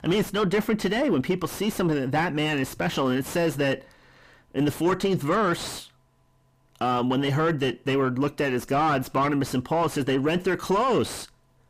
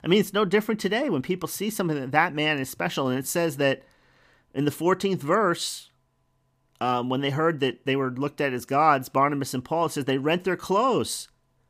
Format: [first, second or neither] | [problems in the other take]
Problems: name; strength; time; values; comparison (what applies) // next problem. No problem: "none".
second | distortion; heavy; 7 dB below the speech